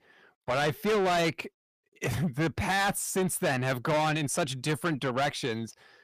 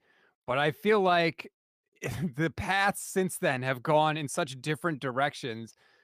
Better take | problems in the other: second | distortion; heavy; 6 dB below the speech

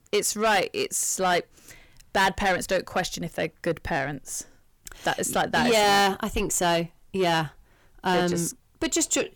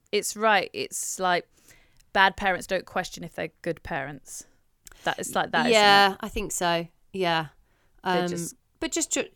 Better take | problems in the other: second | distortion; heavy; 7 dB below the speech

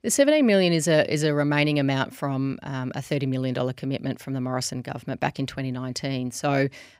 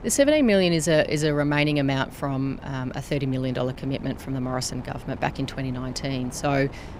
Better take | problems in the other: first | wind noise on the microphone; occasional gusts; 20 dB below the speech

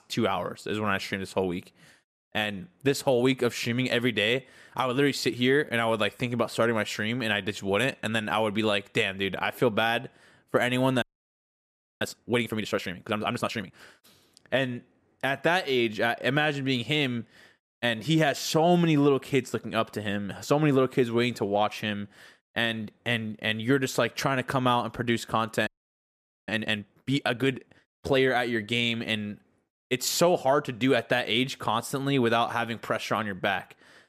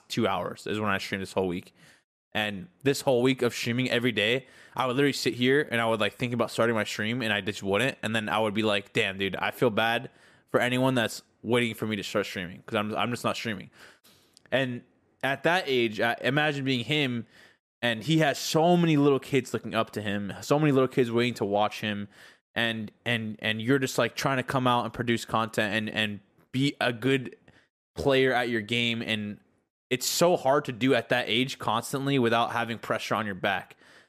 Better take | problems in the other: second | audio freezing; at 11 s for 1 s and at 26 s for 1 s

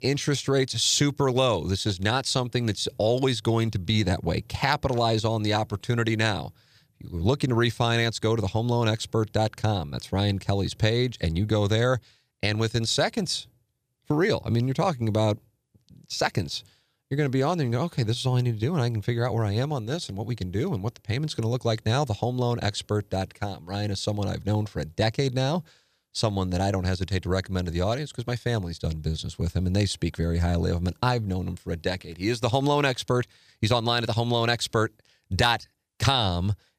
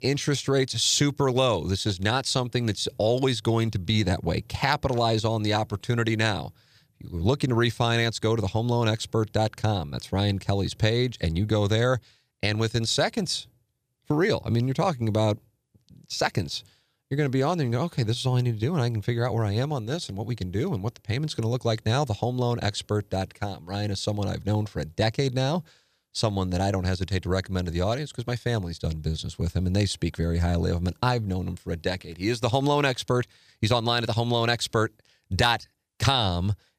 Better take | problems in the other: neither | none

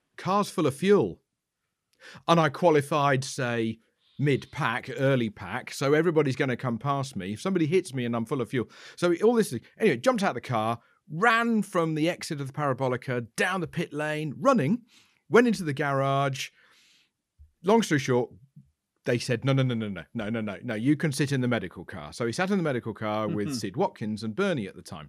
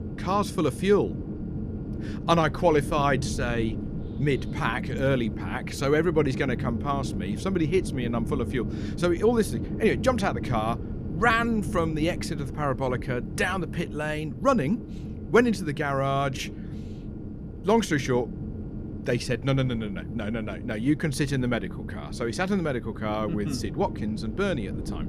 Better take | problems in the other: first | low rumble; noticeable; throughout; 15 dB below the speech

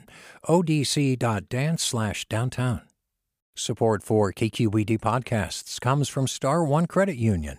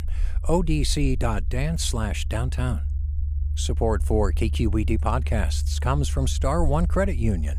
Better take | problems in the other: first | low rumble; noticeable; throughout; 20 dB below the speech

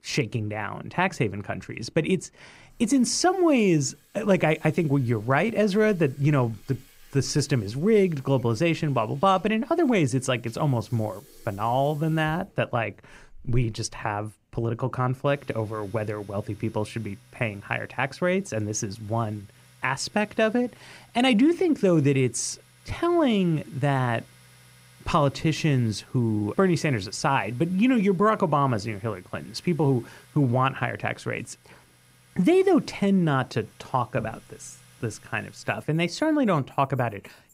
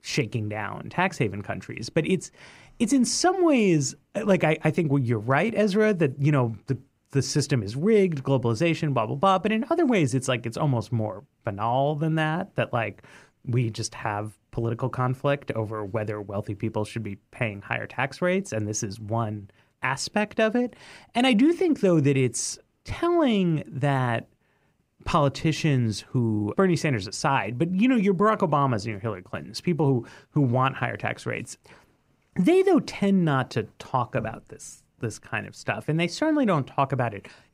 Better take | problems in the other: second | household noises; faint; throughout; 30 dB below the speech

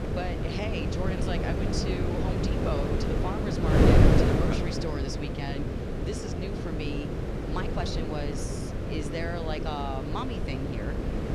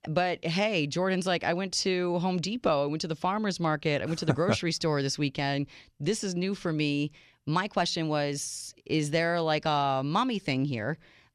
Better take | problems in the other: second | wind noise on the microphone; heavy; 3 dB above the speech

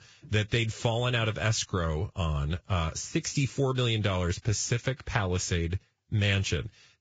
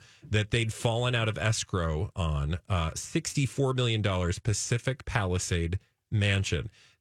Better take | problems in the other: second | garbled, watery; badly; nothing above 7.5 kHz

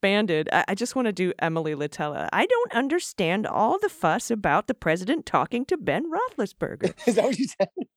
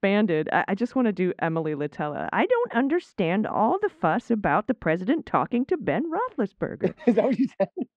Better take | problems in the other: first | muffled; very; fading above 2 kHz

